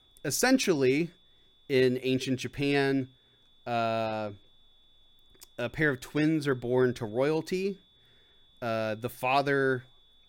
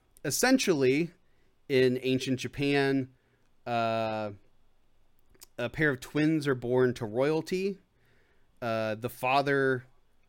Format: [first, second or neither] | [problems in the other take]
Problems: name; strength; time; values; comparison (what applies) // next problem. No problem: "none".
second | high-pitched whine; faint; throughout; 3.5 kHz, 30 dB below the speech